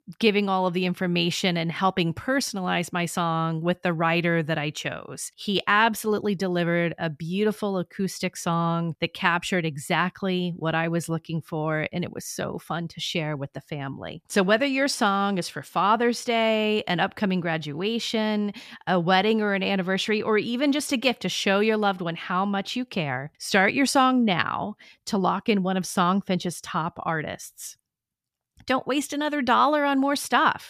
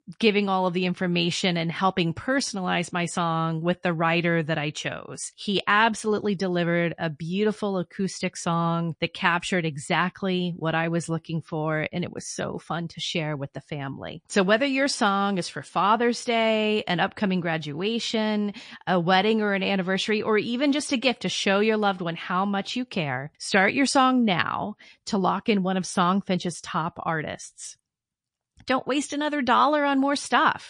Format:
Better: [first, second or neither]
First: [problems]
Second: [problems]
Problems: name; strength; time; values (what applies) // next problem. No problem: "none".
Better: first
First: none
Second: garbled, watery; slightly; nothing above 9 kHz